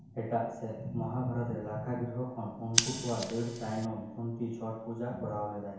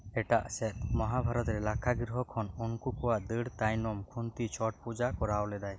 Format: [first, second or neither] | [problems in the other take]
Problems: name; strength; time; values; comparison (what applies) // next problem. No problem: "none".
second | background sound (Scissors); 5 dB below the speech // room echo; dies away in 1 s